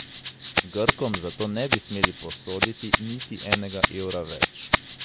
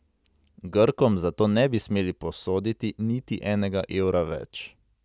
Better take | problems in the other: second | background sound (Rattle (instrument)); 4 dB above the speech

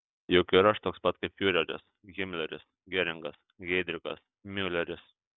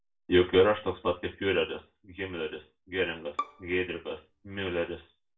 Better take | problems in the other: first | background sound (Bowed string instrument); 13 dB below the speech // room echo; dies away in 0.2 s

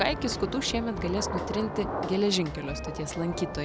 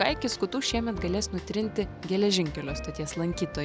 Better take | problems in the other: second | background sound (Thunder / Rain); 7 dB below the speech

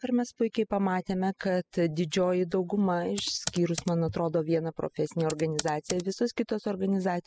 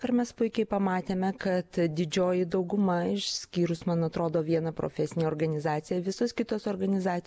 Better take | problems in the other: second | noise reduction (classical method spectral subtraction)

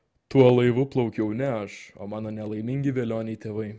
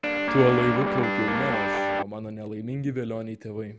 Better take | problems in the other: first | background sound (Guitar); 2 dB above the speech

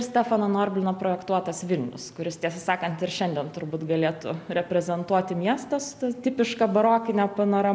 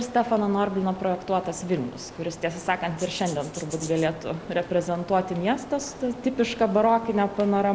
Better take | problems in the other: first | background sound (Rain + Rattle (instrument)); 16 dB below the speech

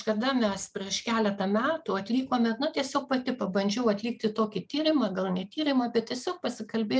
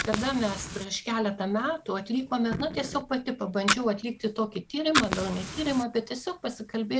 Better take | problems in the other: first | background sound (Fire); 7 dB below the speech

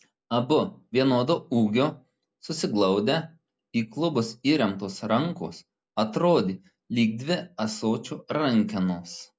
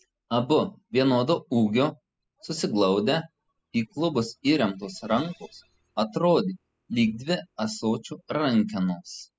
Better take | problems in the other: first | noise reduction (classical method spectral subtraction)

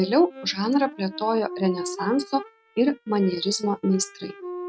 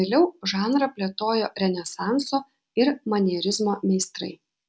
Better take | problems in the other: second | noise reduction (neural mask model RNNoise)

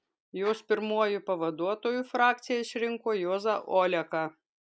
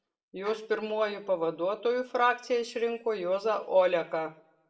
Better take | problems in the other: first | room echo; dies away in 0.5 s

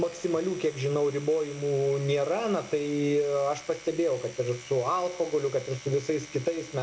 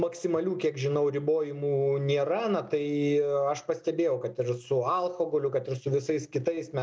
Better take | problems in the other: second | background sound (Domestic sounds, home sounds); 19 dB below the speech

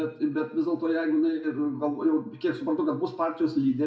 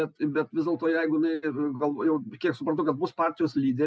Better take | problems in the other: second | room echo; dies away in 0.6 s

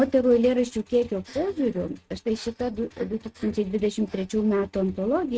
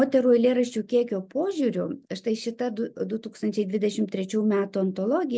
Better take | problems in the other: second | noise reduction (neural mask model RNNoise)

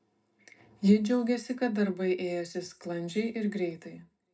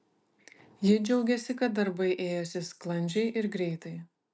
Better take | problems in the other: second | room echo; dies away in 0.2 s

